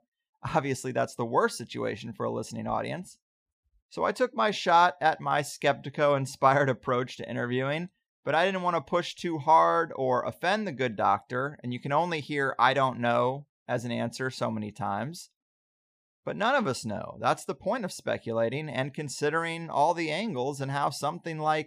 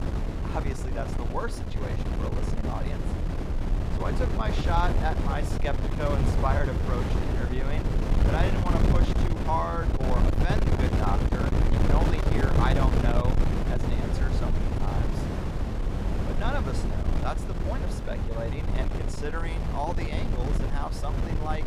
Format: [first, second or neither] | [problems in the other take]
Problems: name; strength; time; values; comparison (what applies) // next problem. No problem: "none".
first | wind noise on the microphone; heavy; 2 dB below the speech